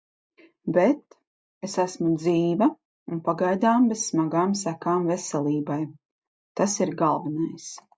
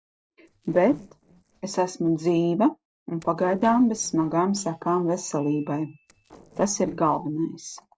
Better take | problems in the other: first | noise reduction (neural separator model SepFormer DNS4)

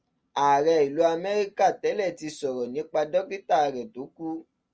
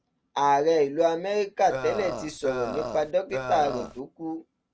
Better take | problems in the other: first | background sound (Burping, eructation); 6 dB below the speech

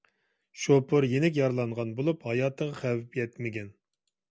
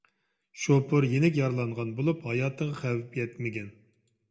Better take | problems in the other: first | room echo; dies away in 0.5 s

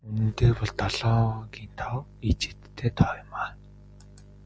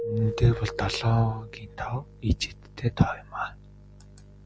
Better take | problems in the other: first | background sound (Keyboard (musical)); 13 dB below the speech

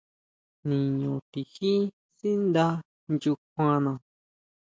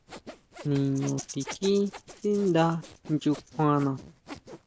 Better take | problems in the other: first | background sound (Rattle / Rattle (instrument) + Sawing); 16 dB below the speech

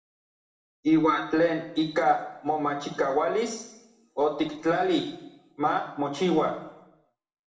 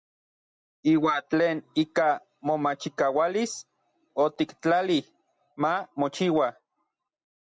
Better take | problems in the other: second | room echo; dies away in 0.8 s

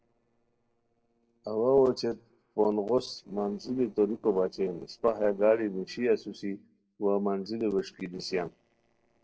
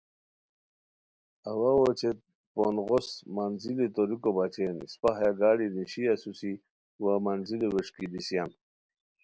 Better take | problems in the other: second | noise reduction (neural separator model SepFormer DNS4)

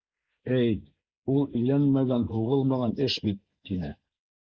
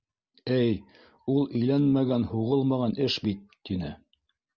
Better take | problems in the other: second | noise reduction (neural mask model Resemble Enhance denoiser)

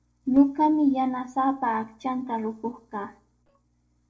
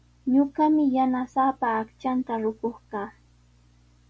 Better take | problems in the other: second | noise reduction (neural separator model SepFormer DNS4)

